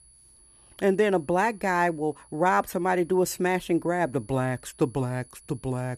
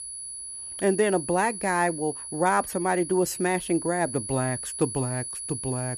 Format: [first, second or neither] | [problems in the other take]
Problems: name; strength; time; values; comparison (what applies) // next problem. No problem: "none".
first | high-pitched whine; loud; throughout; 10.5 kHz, 7 dB below the speech; faint in the first